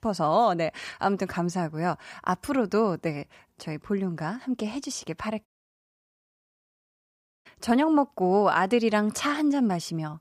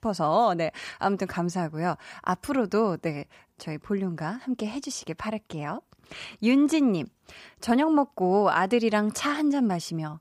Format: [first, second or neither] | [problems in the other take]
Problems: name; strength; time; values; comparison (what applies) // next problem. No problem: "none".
second | audio cutting out; at 5.5 s for 2 s